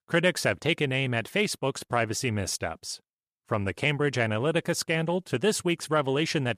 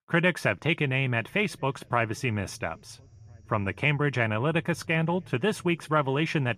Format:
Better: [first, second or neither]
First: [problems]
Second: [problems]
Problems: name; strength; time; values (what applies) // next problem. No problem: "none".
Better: first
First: none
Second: room echo; noticeable; dies away in 3 s